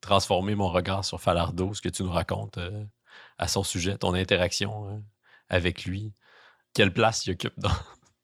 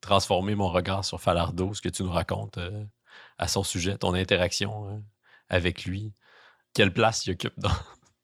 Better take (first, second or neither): neither